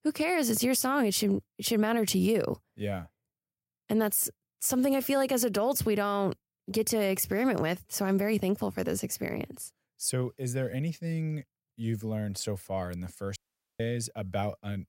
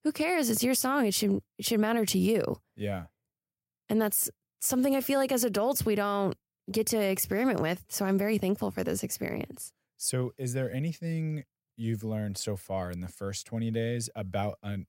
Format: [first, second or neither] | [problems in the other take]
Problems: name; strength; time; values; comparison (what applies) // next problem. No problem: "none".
second | audio cutting out; at 13 s